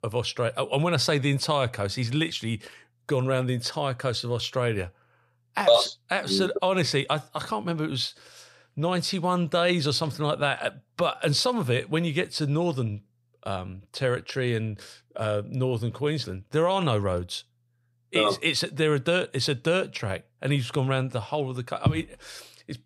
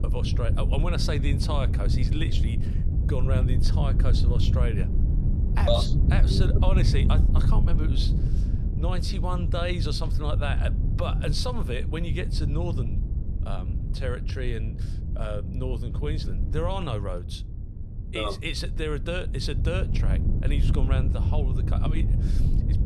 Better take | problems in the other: first | wind noise on the microphone; heavy; 7 dB below the speech

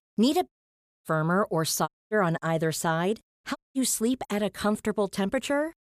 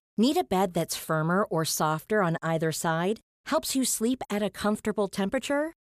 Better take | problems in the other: second | audio cutting out; at 0.5 s for 0.5 s, at 2 s and at 3.5 s

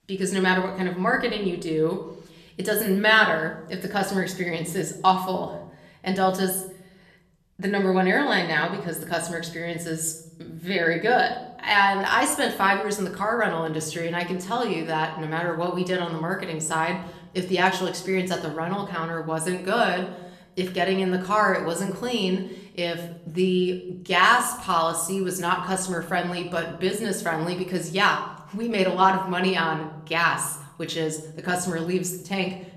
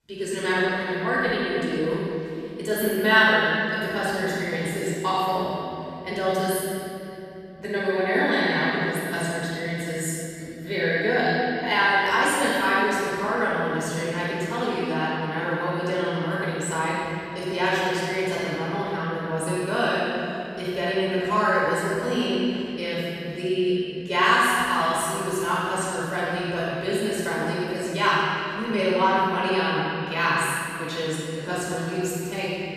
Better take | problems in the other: first | room echo; strong; dies away in 3 s; slight in the first // off-mic speech; far; somewhat distant in the first

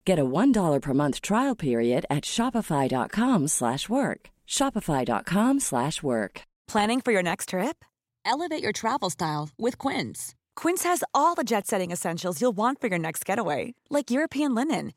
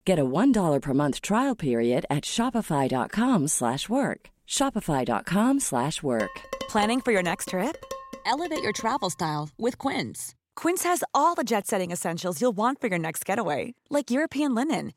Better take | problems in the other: first | clattering dishes; noticeable; from 6 to 9 s; peak 9 dB below the speech

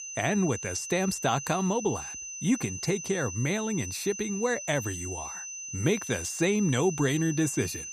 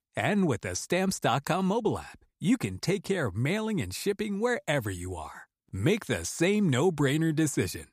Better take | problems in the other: second | high-pitched whine; loud; throughout; 6 kHz, 7 dB below the speech

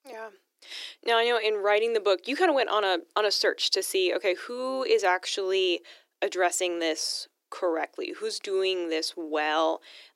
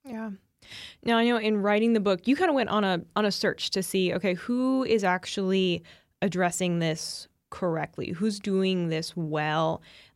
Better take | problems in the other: second | thin; very; fading below 300 Hz

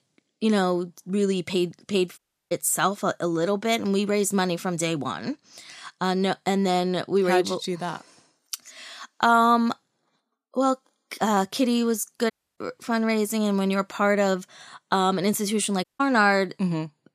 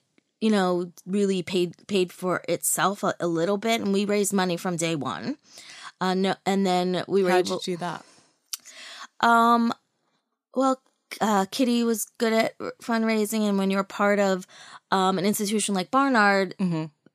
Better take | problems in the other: second | audio cutting out; at 2 s, at 12 s and at 16 s

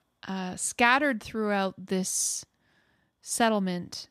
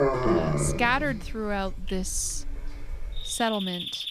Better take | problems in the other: first | animal sounds; loud; throughout; 2 dB below the speech

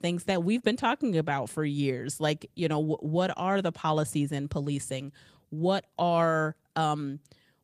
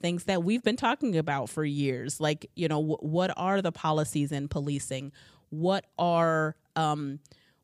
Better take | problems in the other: second | garbled, watery; slightly

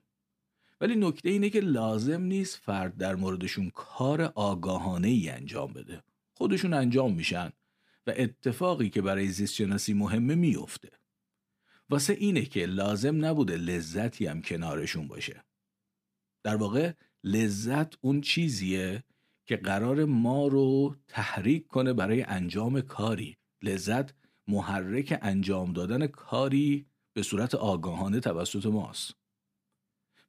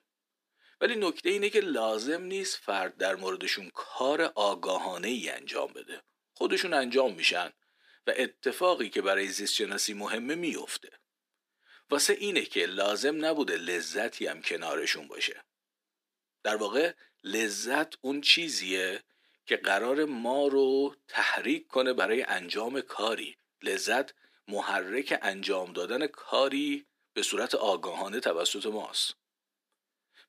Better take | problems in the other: first | thin; somewhat; fading below 350 Hz

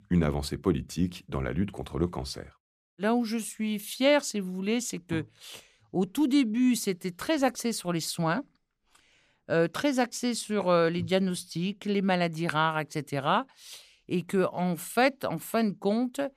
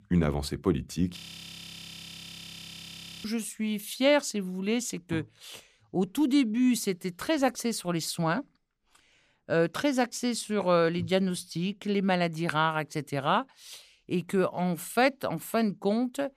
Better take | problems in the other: first | audio freezing; at 1 s for 2 s

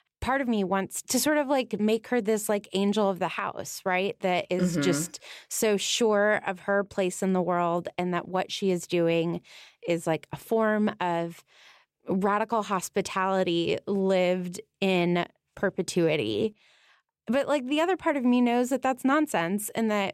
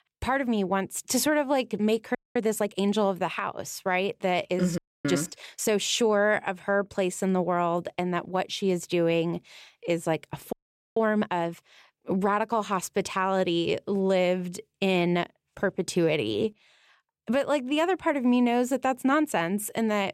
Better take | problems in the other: first | audio freezing; at 2 s, at 5 s and at 11 s

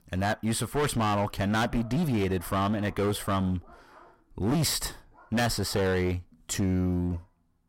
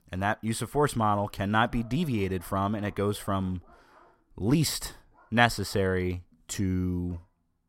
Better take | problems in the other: second | distortion; heavy; 15% of the sound clipped

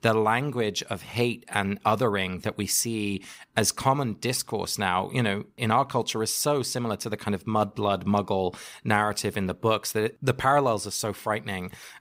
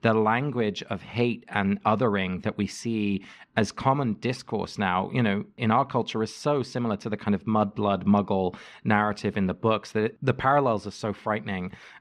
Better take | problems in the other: first | muffled; slightly; fading above 3 kHz

